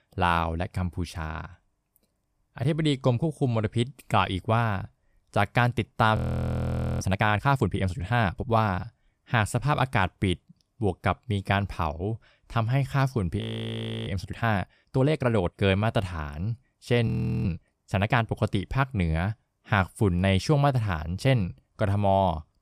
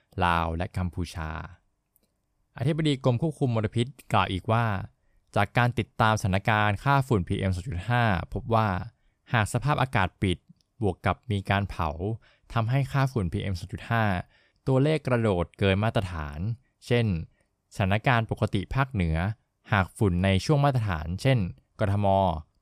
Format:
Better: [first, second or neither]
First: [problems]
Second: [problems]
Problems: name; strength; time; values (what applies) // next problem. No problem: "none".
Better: second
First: audio freezing; at 6 s for 1 s, at 13 s for 0.5 s and at 17 s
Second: none